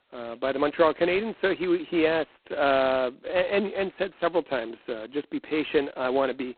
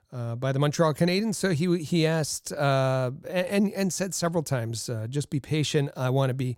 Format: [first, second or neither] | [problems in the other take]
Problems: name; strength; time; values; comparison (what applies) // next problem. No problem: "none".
second | phone-call audio; poor line; nothing above 4 kHz